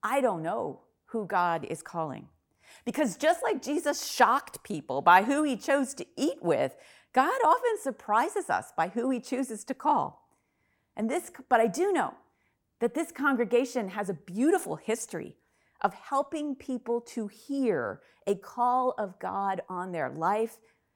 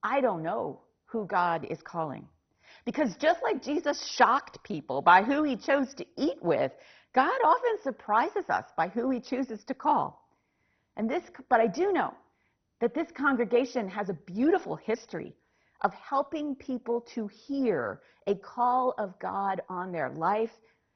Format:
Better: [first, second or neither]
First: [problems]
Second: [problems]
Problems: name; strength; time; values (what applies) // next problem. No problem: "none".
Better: first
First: none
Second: garbled, watery; badly; nothing above 6 kHz